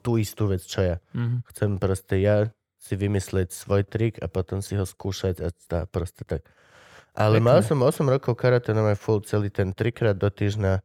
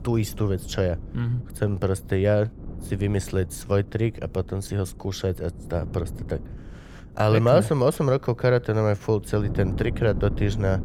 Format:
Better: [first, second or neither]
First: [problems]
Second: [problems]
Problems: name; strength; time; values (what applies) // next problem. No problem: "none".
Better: first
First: none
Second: wind noise on the microphone; occasional gusts; 20 dB below the speech